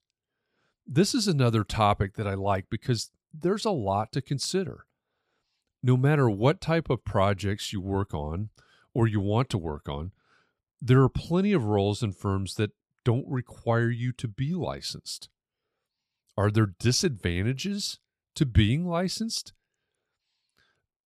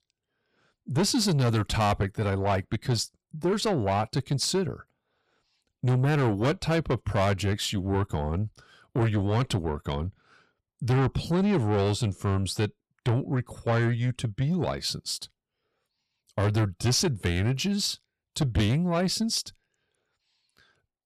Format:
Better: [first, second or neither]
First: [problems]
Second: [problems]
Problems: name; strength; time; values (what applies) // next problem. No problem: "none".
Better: first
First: none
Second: distortion; heavy; 8 dB below the speech